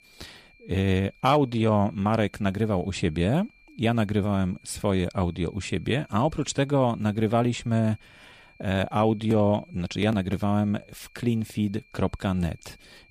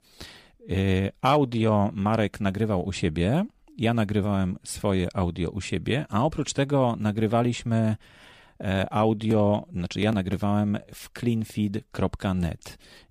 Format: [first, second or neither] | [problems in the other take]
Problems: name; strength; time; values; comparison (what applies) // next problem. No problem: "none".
second | high-pitched whine; faint; throughout; 2.5 kHz, 30 dB below the speech